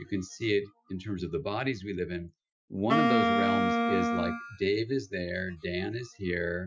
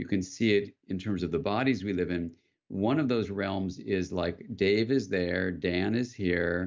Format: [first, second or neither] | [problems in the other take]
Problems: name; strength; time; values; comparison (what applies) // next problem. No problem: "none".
second | noise reduction (classical method Wiener filter)